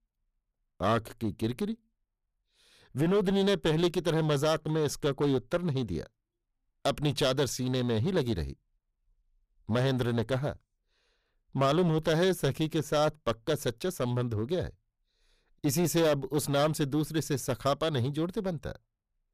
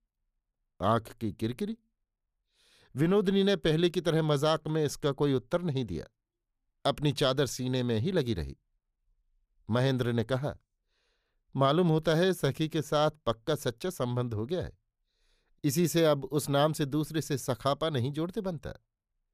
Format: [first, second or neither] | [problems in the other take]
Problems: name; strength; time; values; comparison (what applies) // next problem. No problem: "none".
second | distortion; slight; 6% of the sound clipped